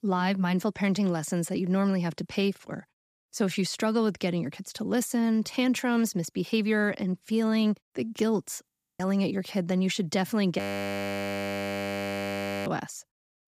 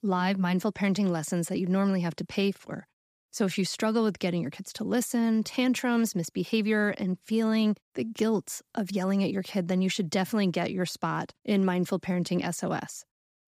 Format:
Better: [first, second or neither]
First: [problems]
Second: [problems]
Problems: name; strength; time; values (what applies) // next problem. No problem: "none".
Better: second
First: audio freezing; at 8.5 s and at 11 s for 2 s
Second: none